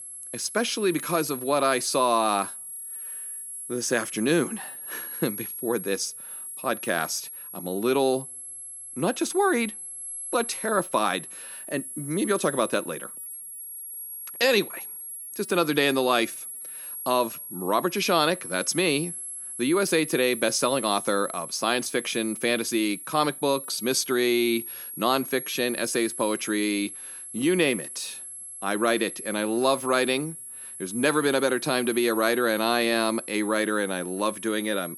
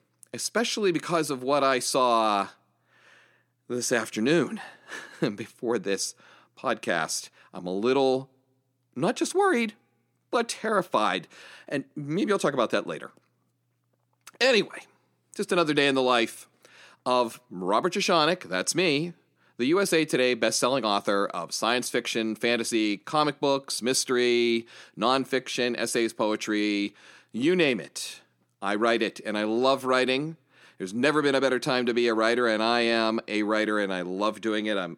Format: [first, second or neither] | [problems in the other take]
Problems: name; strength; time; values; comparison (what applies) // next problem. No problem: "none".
second | high-pitched whine; loud; throughout; 11.5 kHz, 9 dB below the speech